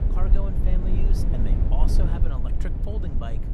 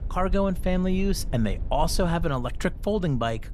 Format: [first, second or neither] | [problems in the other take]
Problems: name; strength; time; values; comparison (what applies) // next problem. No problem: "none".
second | low rumble; loud; throughout; as loud as the speech; faint in the second